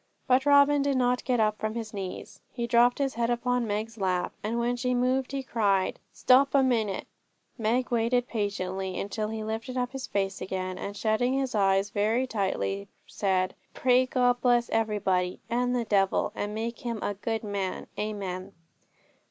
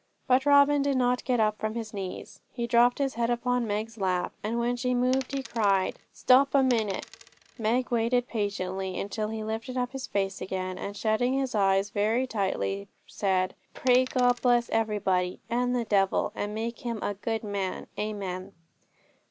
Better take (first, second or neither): first